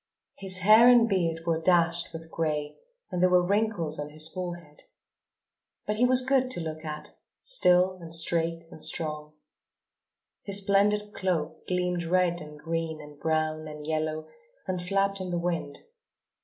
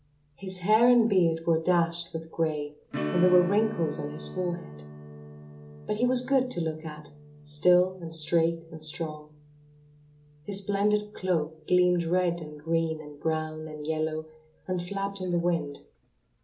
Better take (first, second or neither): first